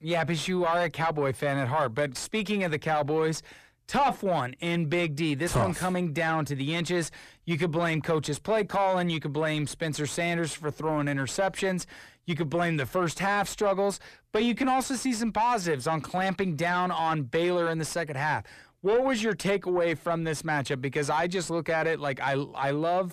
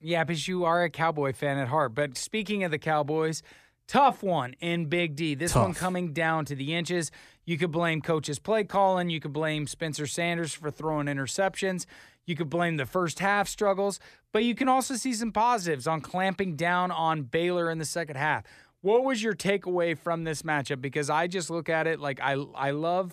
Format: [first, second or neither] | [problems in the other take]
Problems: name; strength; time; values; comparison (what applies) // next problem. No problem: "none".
second | distortion; slight; 10 dB below the speech